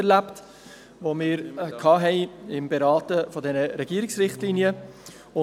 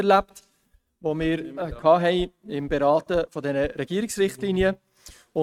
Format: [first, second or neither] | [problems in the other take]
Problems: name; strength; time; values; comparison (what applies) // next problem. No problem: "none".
first | noise reduction (neural mask model RNNoise)